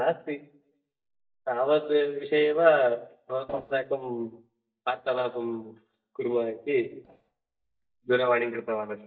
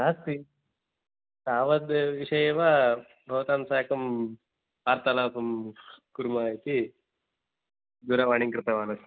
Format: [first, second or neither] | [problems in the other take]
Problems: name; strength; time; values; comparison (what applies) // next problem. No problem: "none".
second | noise reduction (neural mask model DeepFilterNet 3)